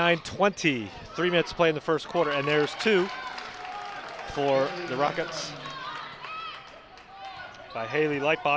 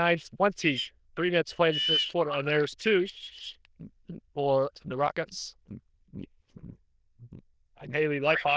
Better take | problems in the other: first | noise reduction (neural diffusion model UNIVERSE++)

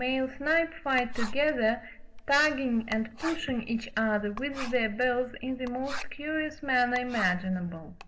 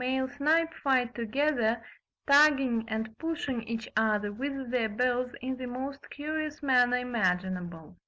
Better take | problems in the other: second | background sound (Writing); 10 dB below the speech // room echo; dies away in 0.4 s

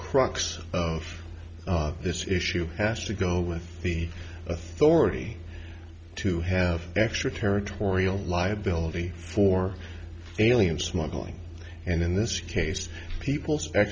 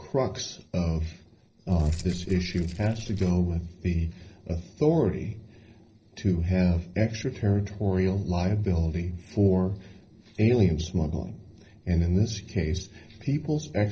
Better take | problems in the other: first | noise reduction (neural separator model SepFormer DNS4)

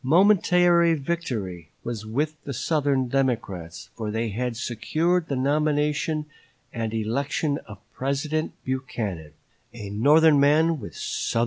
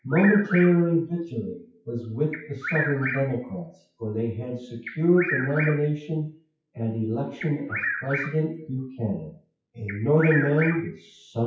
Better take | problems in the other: first | noise reduction (classical method WPE with log-MMSE)

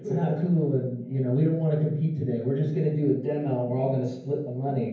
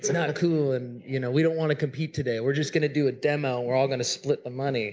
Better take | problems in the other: second | room echo; dies away in 0.9 s

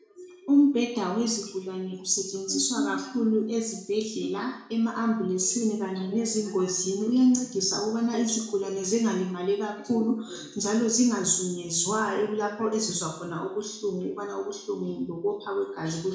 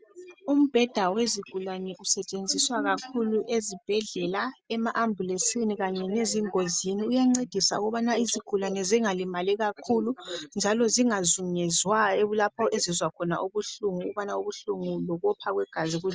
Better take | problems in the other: second | room echo; dies away in 0.6 s

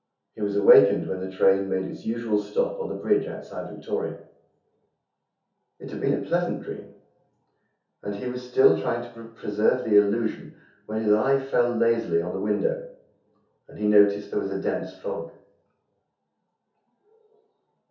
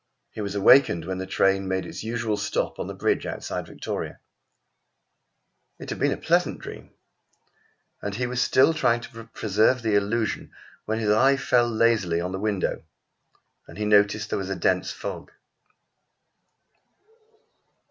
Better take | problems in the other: second | room echo; dies away in 0.5 s

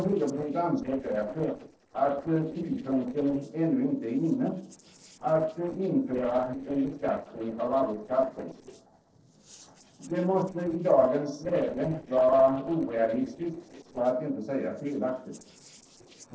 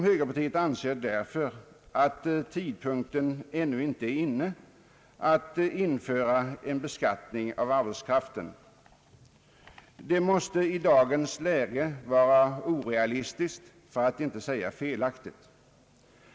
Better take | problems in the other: second | noise reduction (neural separator model SepFormer DNS4)

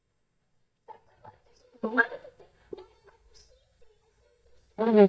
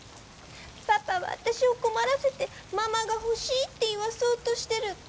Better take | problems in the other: second | noise reduction (neural mask model DeepFilterNet 3)

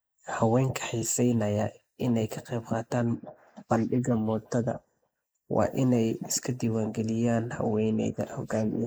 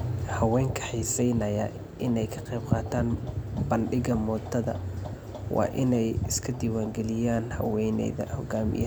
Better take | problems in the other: second | noise reduction (neural mask model Resemble Enhance denoiser)

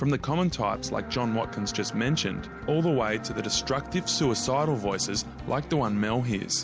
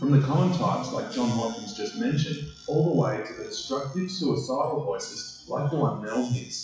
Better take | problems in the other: first | noise reduction (classical method WPE with log-MMSE)

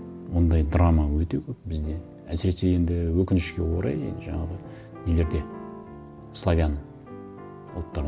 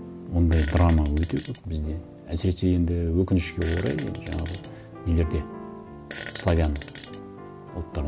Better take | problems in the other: first | background sound (Fart); 19 dB below the speech

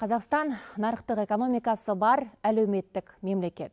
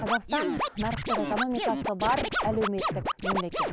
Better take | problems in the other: first | background sound (Scratching (performance technique)); as loud as the speech

